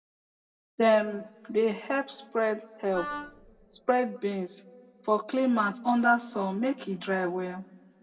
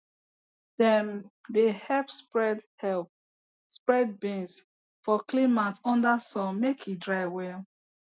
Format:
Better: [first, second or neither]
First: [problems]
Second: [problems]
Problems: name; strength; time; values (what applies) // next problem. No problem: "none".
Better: second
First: background sound (Wind instrument, woodwind instrument); 11 dB below the speech // room echo; dies away in 1 s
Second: none